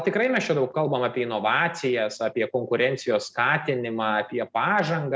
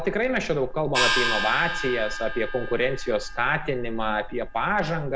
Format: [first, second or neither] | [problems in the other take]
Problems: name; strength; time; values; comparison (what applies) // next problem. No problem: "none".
first | background sound (Gong); 3 dB below the speech